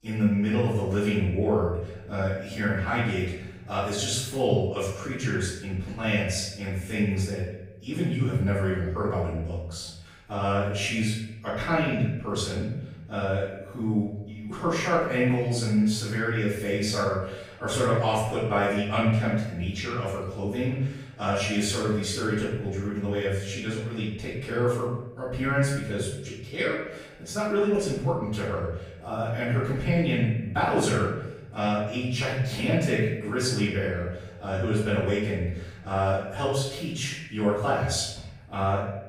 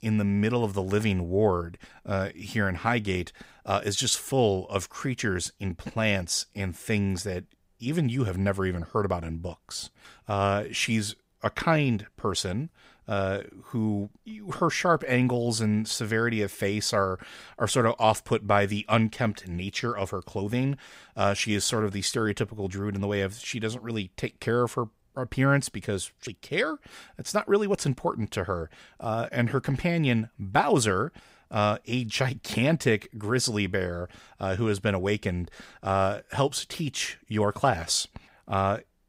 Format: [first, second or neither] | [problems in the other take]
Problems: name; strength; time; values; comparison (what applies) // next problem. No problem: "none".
second | off-mic speech; far // room echo; noticeable; dies away in 0.9 s